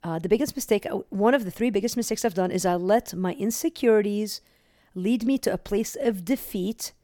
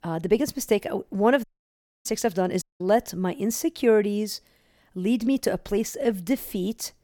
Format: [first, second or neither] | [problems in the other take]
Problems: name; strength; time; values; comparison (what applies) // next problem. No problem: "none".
first | audio cutting out; at 1.5 s for 0.5 s and at 2.5 s